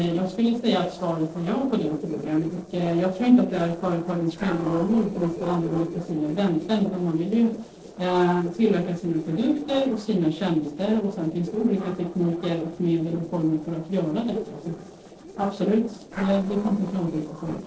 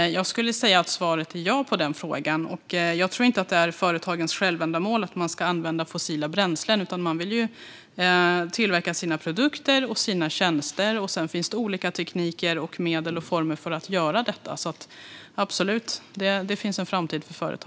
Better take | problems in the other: second | noise reduction (neural separator model SepFormer DNS4)

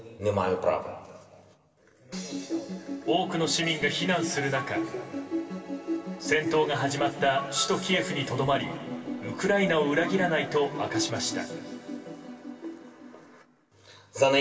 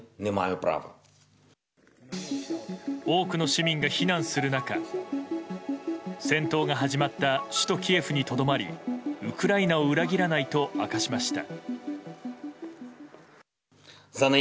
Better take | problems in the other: second | room echo; dies away in 2.2 s

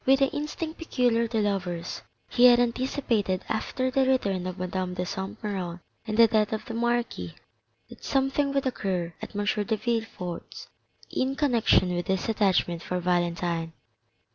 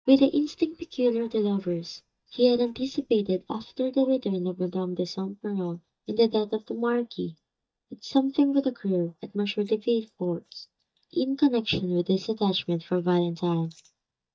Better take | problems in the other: first | noise reduction (neural mask model DeepFilterNet 3)

